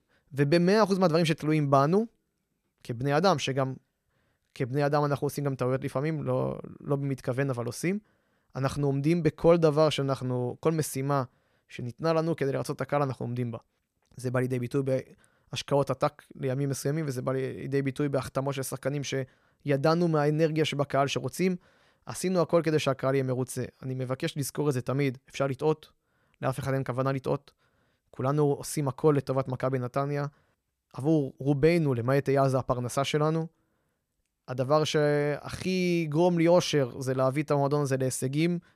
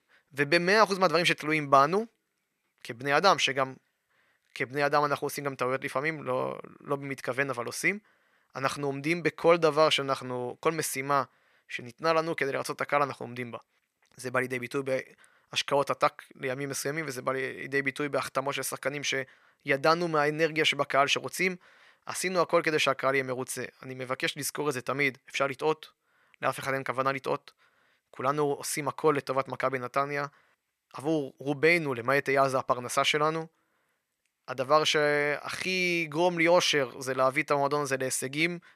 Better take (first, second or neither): first